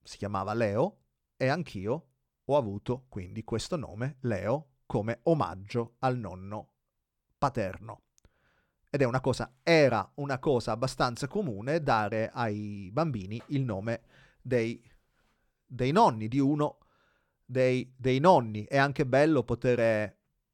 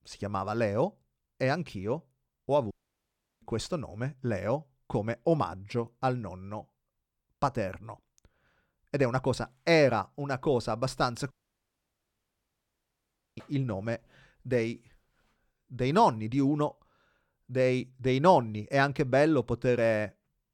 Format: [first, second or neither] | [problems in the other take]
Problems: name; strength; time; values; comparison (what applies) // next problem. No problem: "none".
first | audio cutting out; at 2.5 s for 0.5 s and at 11 s for 2 s